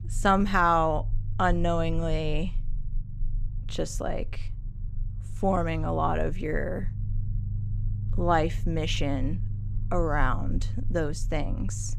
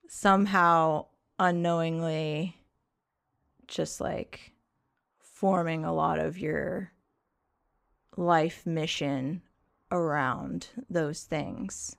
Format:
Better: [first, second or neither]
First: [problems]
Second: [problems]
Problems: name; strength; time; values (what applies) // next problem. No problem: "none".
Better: second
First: low rumble; faint; throughout; 25 dB below the speech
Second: none